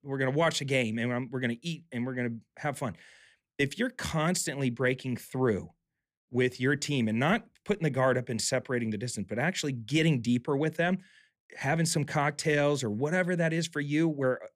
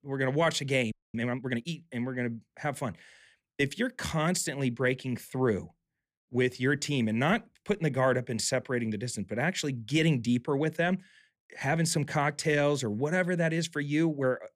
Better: first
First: none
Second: audio freezing; at 1 s

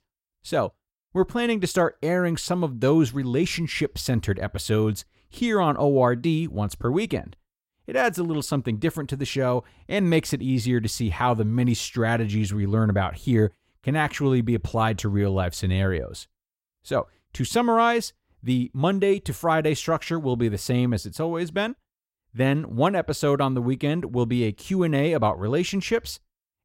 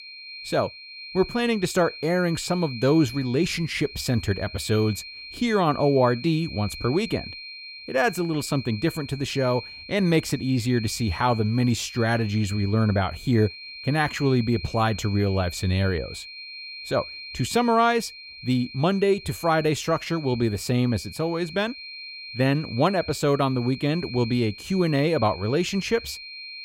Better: first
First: none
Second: high-pitched whine; noticeable; throughout; 4 kHz, 15 dB below the speech

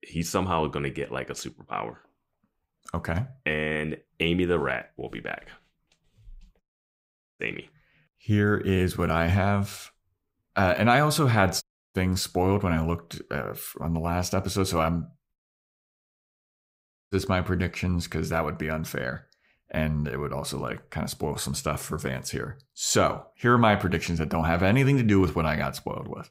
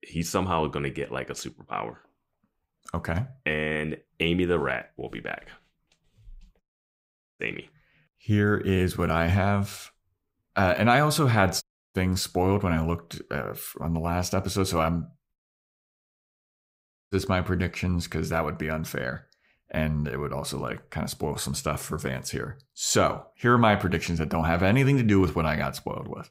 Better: neither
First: audio cutting out; at 6.5 s for 1 s, at 12 s and at 15 s for 2 s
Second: audio cutting out; at 6.5 s for 1 s, at 12 s and at 15 s for 2 s

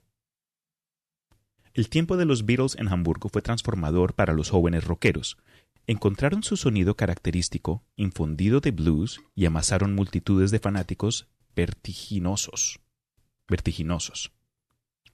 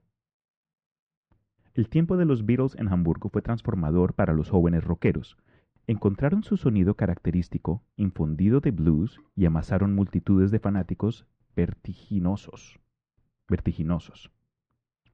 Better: first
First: none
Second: muffled; very; fading above 1.5 kHz

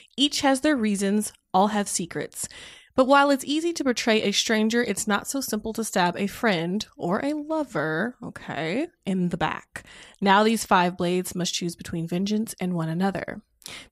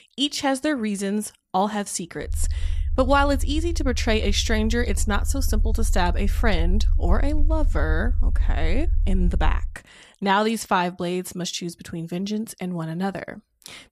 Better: first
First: none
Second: low rumble; faint; from 2.5 to 9.5 s; 20 dB below the speech

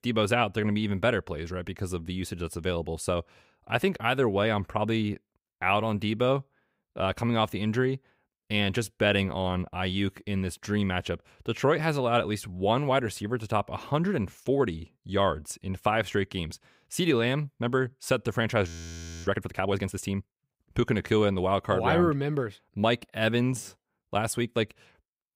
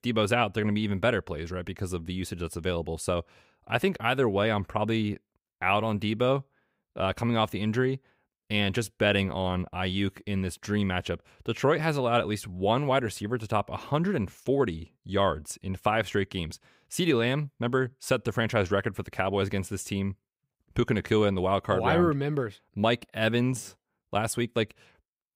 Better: second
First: audio freezing; at 19 s for 0.5 s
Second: none

